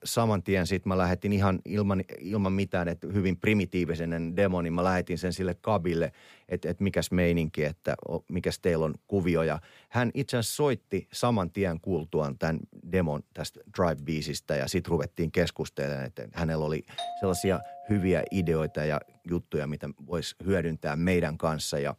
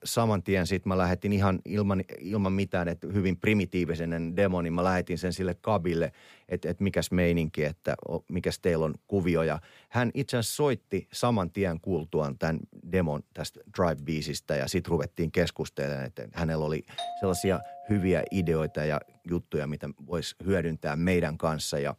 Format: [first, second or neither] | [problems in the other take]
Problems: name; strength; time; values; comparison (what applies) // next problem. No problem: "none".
neither | doorbell; noticeable; from 17 to 19 s; peak 7 dB below the speech; the same in both